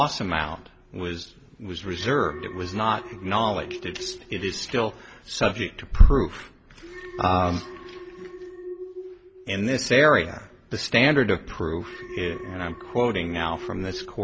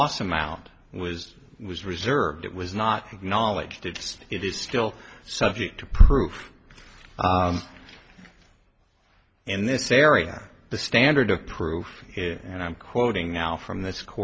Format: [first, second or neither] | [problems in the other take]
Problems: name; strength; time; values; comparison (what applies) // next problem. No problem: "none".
second | background sound (Alarm); 16 dB below the speech